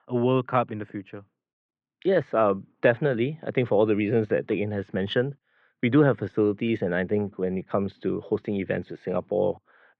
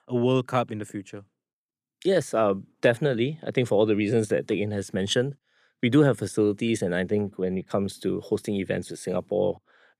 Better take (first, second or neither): second